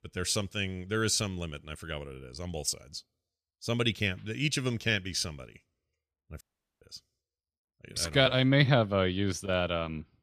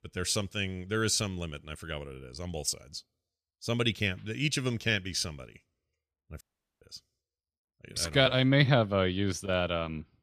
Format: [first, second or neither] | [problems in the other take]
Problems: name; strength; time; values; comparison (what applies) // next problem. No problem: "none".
neither | audio cutting out; at 6.5 s; the same in both